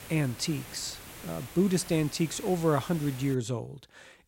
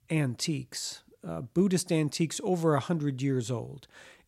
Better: second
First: hiss; noticeable; until 3.5 s; 15 dB below the speech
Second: none

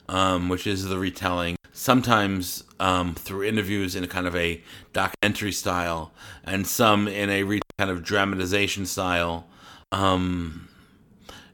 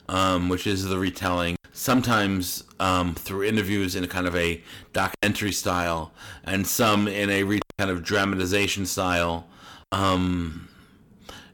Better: first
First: none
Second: distortion; slight; 3% of the sound clipped

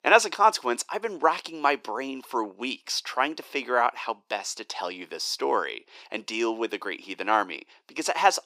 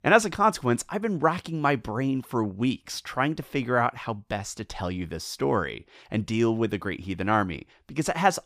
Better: second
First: thin; somewhat; fading below 350 Hz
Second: none

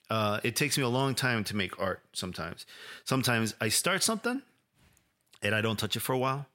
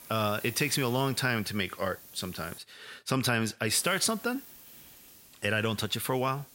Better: first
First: none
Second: hiss; noticeable; until 2.5 s and from 3.5 s on; 15 dB below the speech

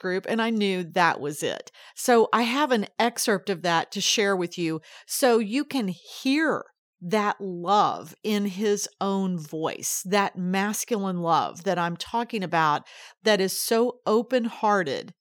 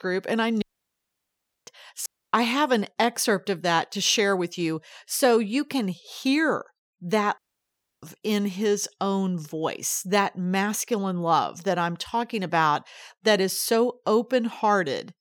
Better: first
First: none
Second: audio cutting out; at 0.5 s for 1 s, at 2 s and at 7.5 s for 0.5 s

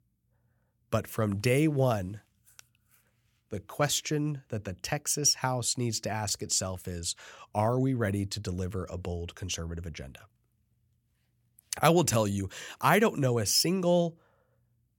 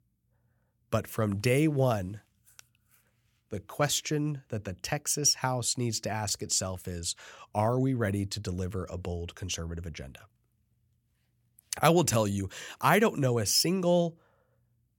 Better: neither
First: none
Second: none

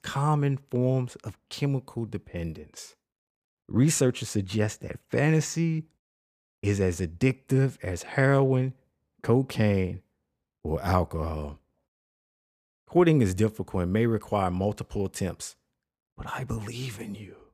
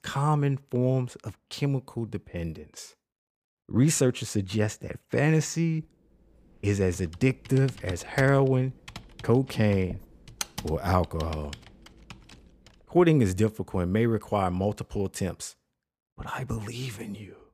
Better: first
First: none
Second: keyboard typing; noticeable; from 7 to 12 s; peak 8 dB below the speech

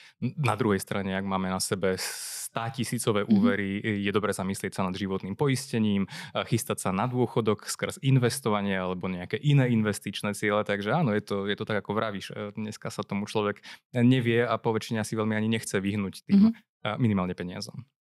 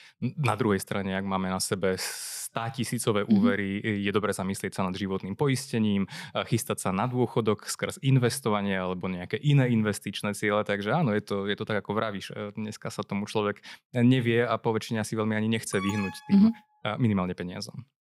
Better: first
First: none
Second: alarm; noticeable; at 16 s; peak 8 dB below the speech

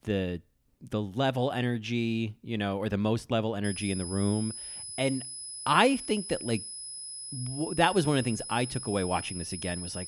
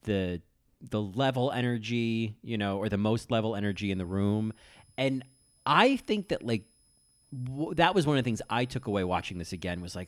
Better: second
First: high-pitched whine; loud; from 3.5 s on; 10 kHz, 8 dB below the speech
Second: high-pitched whine; faint; from 3.5 s on; 10 kHz, 35 dB below the speech

